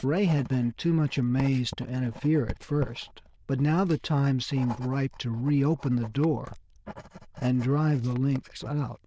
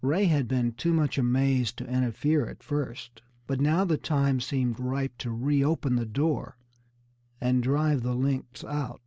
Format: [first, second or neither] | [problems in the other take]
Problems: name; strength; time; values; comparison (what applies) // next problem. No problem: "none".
second | noise reduction (neural diffusion model UNIVERSE++)